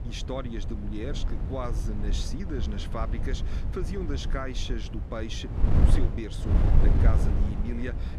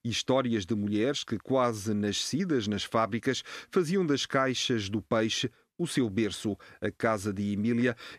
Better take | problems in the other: second | wind noise on the microphone; heavy; 3 dB below the speech

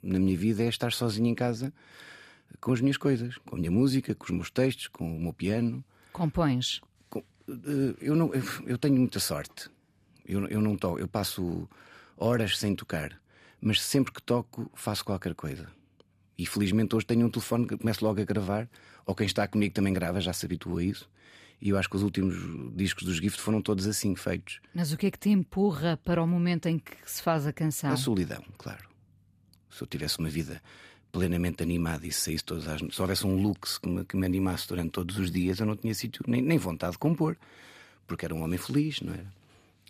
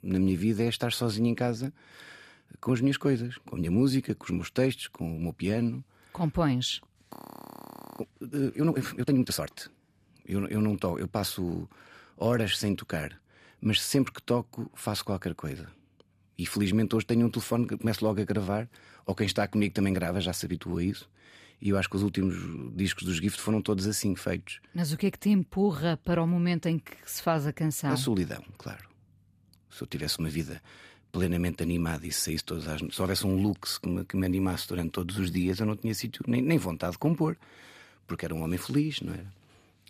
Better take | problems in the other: first | audio freezing; at 7 s for 1 s

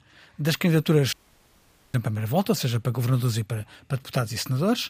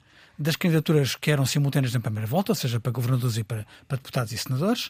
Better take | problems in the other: second | audio cutting out; at 1 s for 1 s

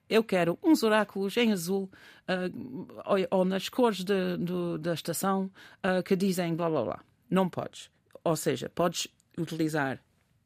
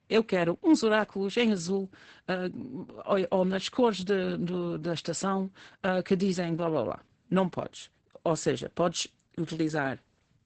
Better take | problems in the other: first | garbled, watery; badly; nothing above 8 kHz

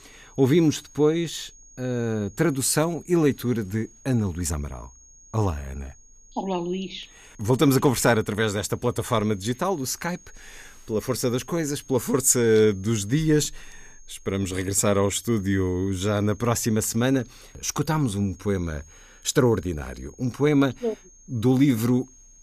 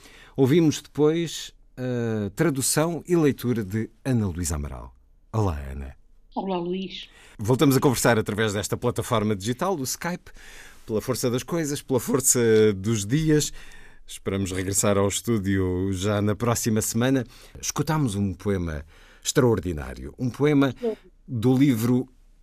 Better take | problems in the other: second | high-pitched whine; faint; throughout; 6.5 kHz, 25 dB below the speech

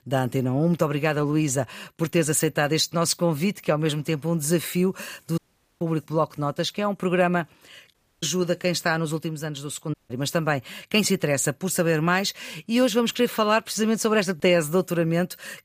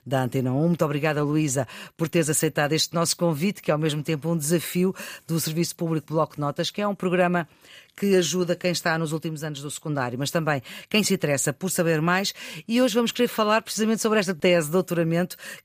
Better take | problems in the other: second | audio cutting out; at 5.5 s, at 8 s and at 10 s

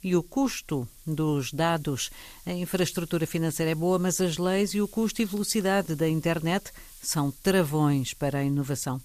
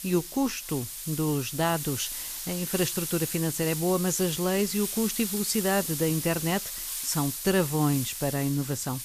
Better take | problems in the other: first | hiss; loud; throughout; 4 dB below the speech; faint in the first

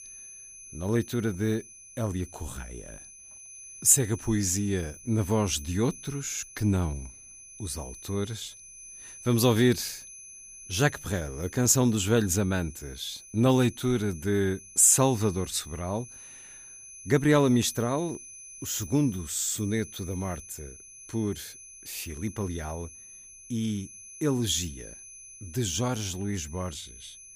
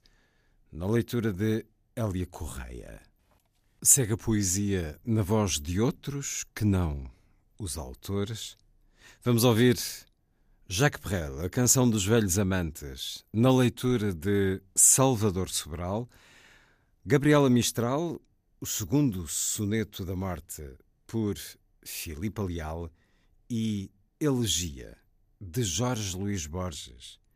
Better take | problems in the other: second | high-pitched whine; noticeable; throughout; 6 kHz, 15 dB below the speech

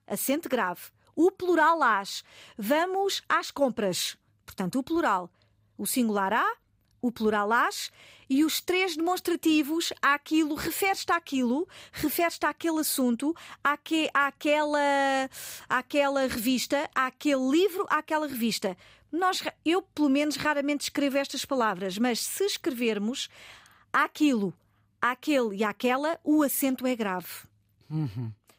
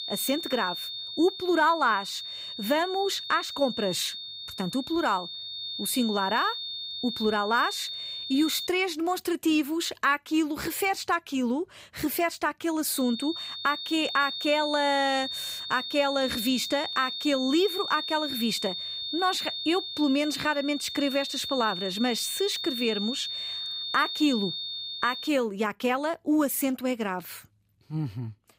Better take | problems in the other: first | high-pitched whine; loud; until 8.5 s and from 13 to 25 s; 3.5 kHz, 5 dB below the speech

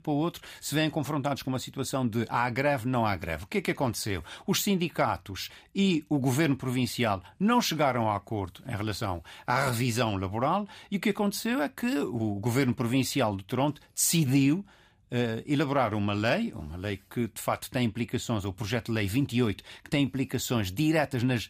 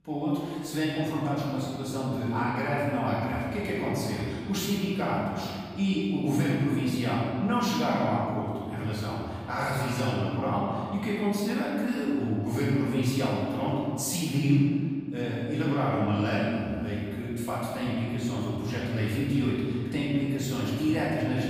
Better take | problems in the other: first | room echo; strong; dies away in 2 s // off-mic speech; far

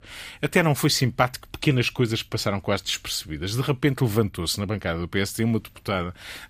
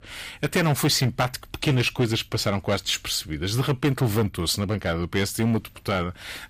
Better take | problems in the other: first | distortion; slight; 6% of the sound clipped

